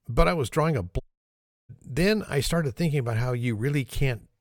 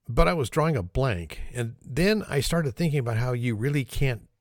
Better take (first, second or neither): second